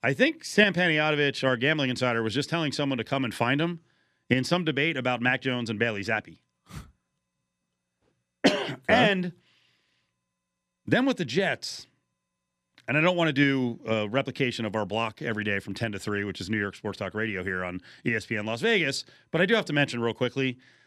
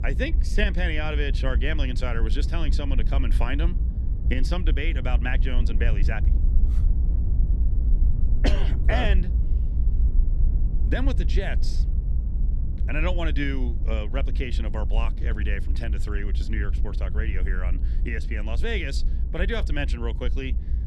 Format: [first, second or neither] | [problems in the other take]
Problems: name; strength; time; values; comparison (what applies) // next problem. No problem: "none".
first | low rumble; noticeable; throughout; 10 dB below the speech